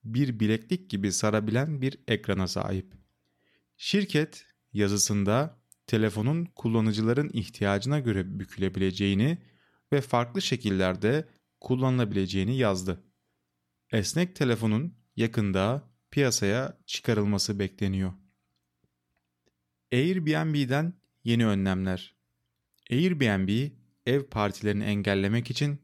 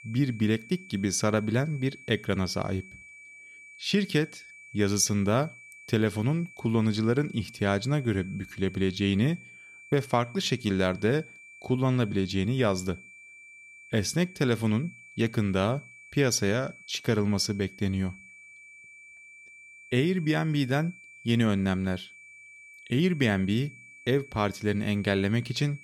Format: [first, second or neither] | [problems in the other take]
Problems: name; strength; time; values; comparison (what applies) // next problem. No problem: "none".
first | high-pitched whine; noticeable; throughout; 2.5 kHz, 20 dB below the speech